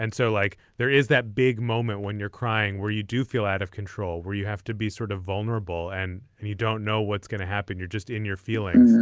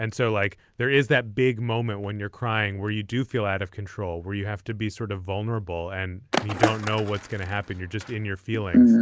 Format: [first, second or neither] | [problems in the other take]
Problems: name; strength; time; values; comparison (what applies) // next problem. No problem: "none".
first | background sound (Skateboard); 5 dB below the speech